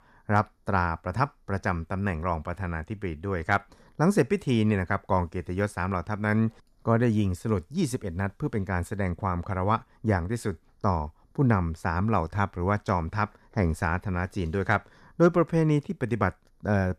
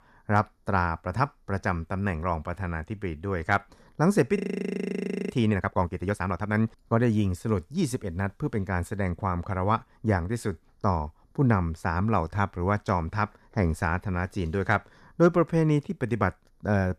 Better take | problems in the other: first | audio freezing; at 4.5 s for 1 s

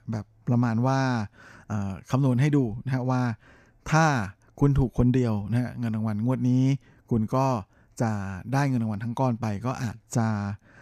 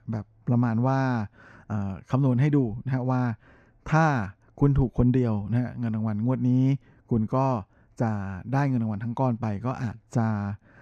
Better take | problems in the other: first | muffled; slightly; fading above 2 kHz

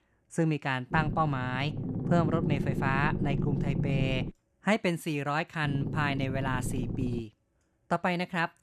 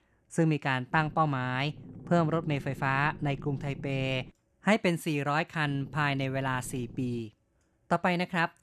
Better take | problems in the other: second | low rumble; loud; from 1 to 4.5 s and from 5.5 to 7 s; 9 dB below the speech; faint in the second

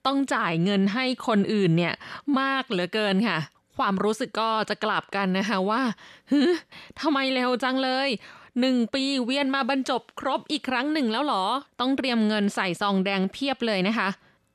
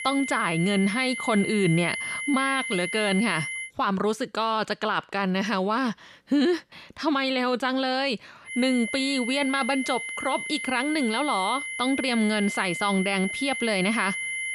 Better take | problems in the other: first | high-pitched whine; loud; until 3.5 s and from 8.5 s on; 2 kHz, 5 dB below the speech

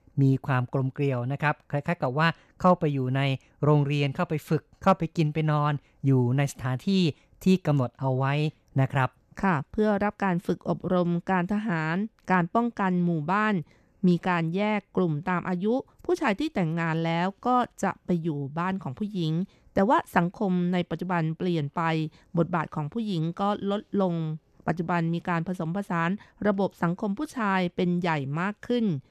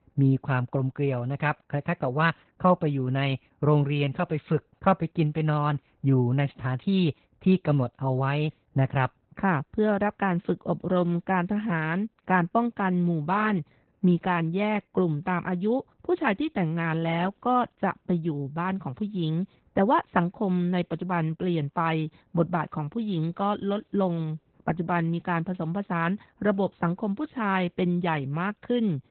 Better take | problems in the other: first | garbled, watery; badly; nothing above 4 kHz

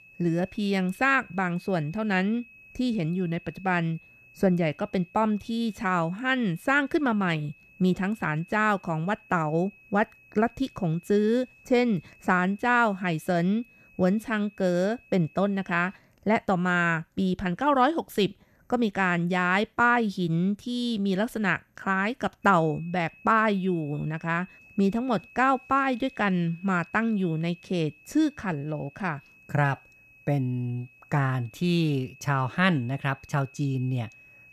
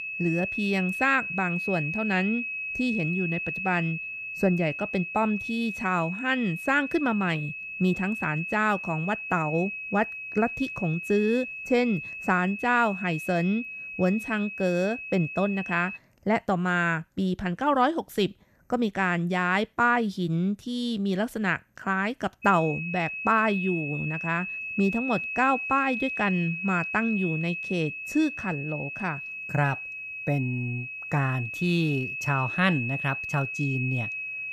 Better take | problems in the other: first | high-pitched whine; loud; until 16 s and from 22 s on; 2.5 kHz, 5 dB below the speech; faint in the first

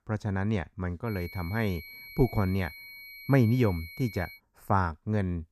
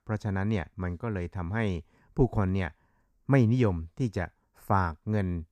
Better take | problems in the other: second | high-pitched whine; noticeable; from 1 to 4.5 s; 2.5 kHz, 15 dB below the speech

